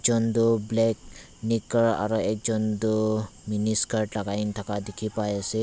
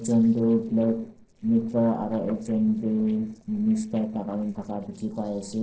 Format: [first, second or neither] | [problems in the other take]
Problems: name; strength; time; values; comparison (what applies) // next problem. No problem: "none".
first | noise reduction (neural separator model SepFormer DNS4)